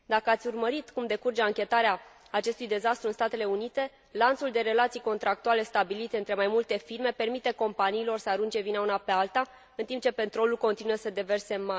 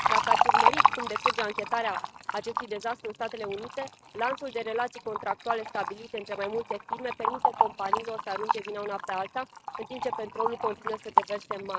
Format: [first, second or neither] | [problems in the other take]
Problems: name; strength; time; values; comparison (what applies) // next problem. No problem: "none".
first | noise reduction (neural mask model RNNoise)